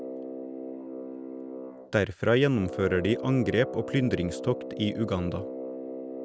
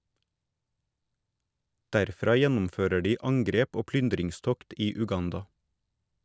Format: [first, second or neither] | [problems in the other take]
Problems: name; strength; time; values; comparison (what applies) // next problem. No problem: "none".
second | background sound (Brass instrument); 8 dB below the speech